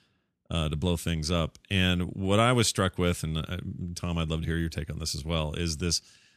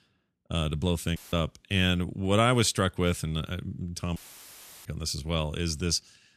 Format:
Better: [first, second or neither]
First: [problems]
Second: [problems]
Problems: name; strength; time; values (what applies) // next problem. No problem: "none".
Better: first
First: none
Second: audio cutting out; filled with static; at 1 s and at 4 s for 0.5 s